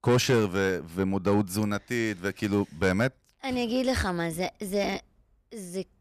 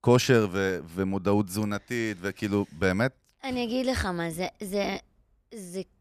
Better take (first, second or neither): second